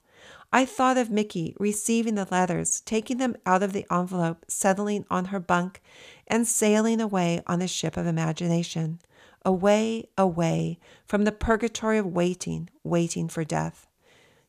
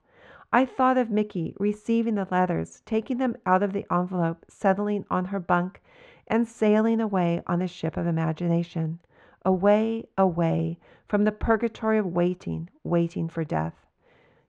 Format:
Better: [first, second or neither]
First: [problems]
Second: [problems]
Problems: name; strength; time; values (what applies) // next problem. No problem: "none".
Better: first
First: none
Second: muffled; very; fading above 2 kHz